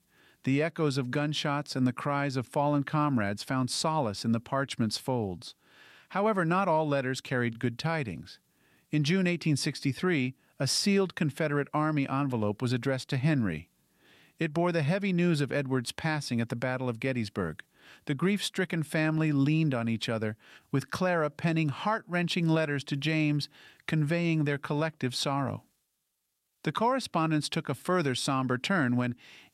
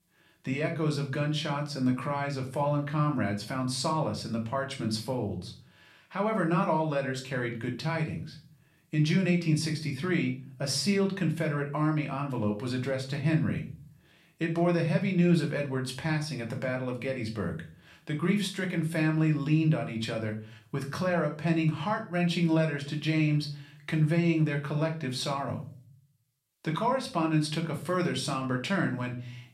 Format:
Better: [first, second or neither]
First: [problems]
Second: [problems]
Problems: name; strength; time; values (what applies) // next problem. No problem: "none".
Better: first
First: none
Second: room echo; slight; dies away in 0.4 s // off-mic speech; somewhat distant